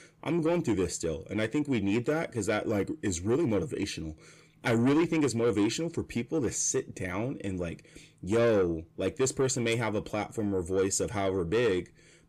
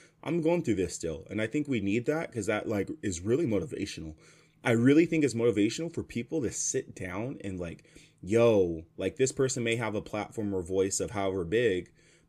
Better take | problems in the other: second | distortion; slight; 10 dB below the speech

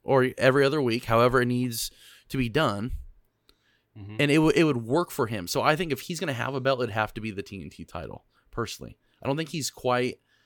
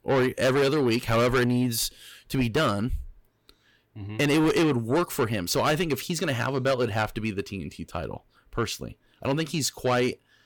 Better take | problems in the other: first | distortion; heavy; 8 dB below the speech

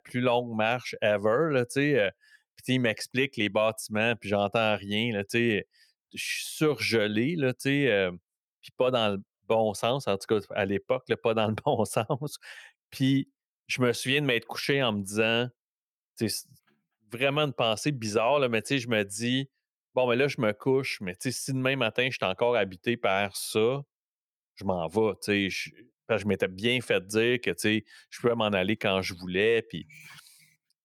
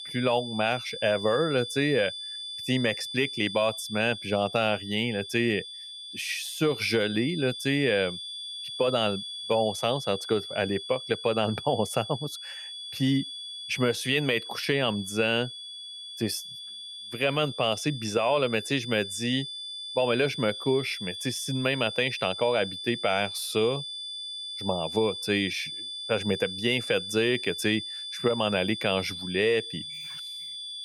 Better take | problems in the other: first | high-pitched whine; loud; throughout; 3.5 kHz, 8 dB below the speech

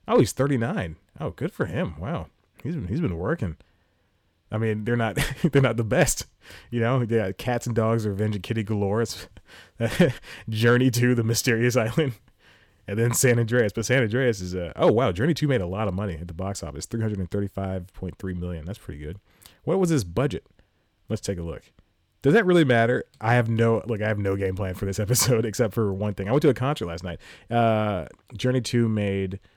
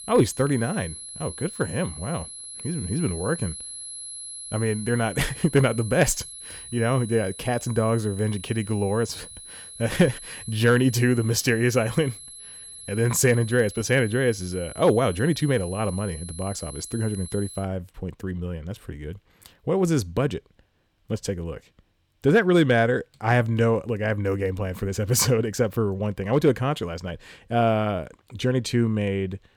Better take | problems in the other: first | high-pitched whine; noticeable; until 18 s; 11 kHz, 15 dB below the speech

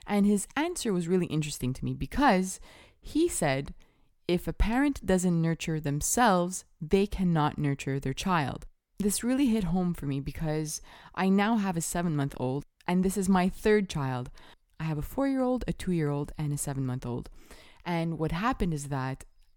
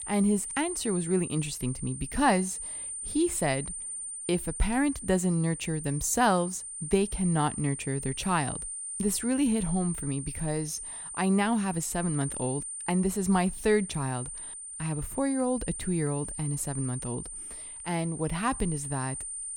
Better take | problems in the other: first | high-pitched whine; loud; throughout; 9 kHz, 7 dB below the speech

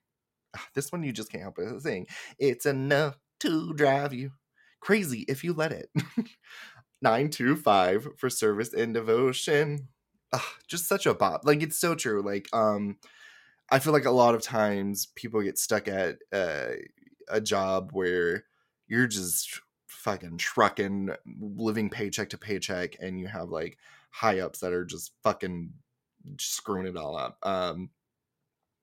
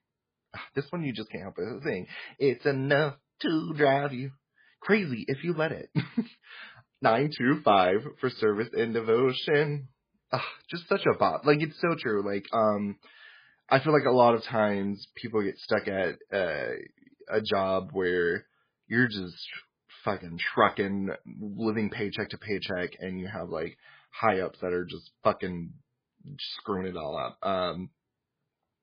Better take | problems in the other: first | garbled, watery; badly

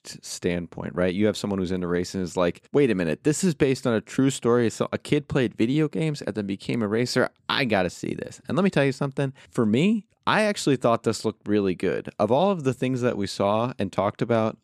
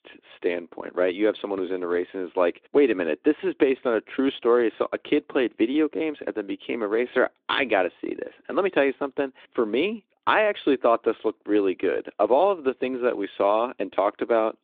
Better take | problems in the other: first | phone-call audio

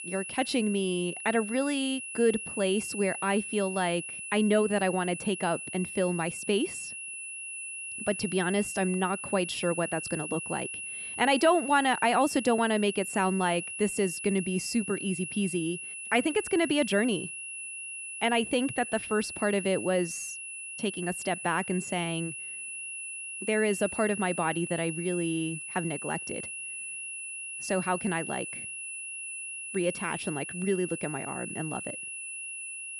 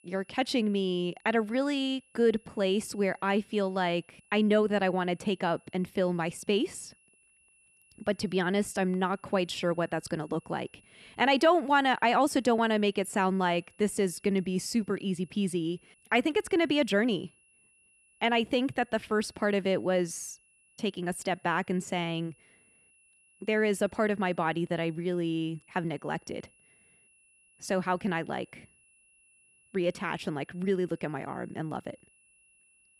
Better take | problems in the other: second | high-pitched whine; loud; throughout; 2.5 kHz, 7 dB below the speech; faint in the second

